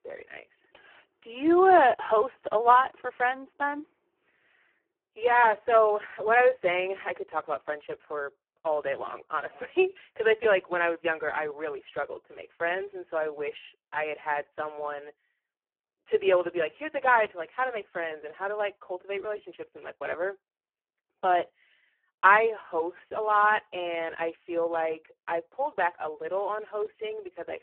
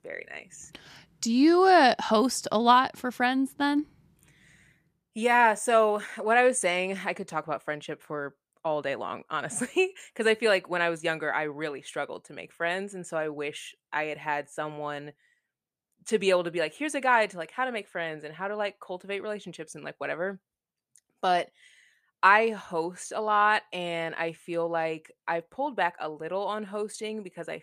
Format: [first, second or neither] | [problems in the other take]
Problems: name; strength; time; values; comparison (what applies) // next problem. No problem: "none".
second | phone-call audio; poor line